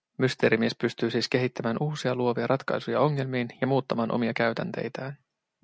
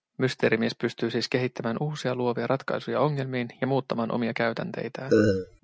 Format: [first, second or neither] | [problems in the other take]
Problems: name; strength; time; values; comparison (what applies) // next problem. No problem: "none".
first | background sound (Burping, eructation); 5 dB above the speech